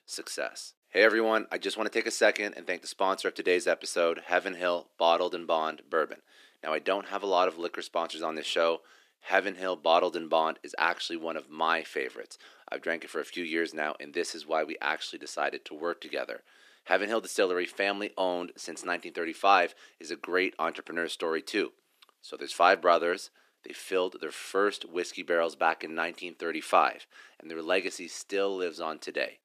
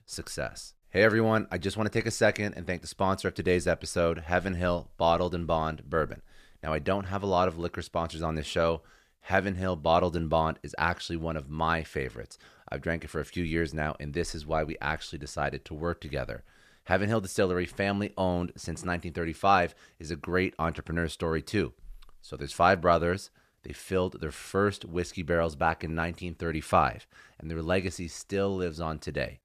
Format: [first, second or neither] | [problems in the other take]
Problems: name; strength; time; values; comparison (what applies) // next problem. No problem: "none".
second | thin; somewhat; fading below 300 Hz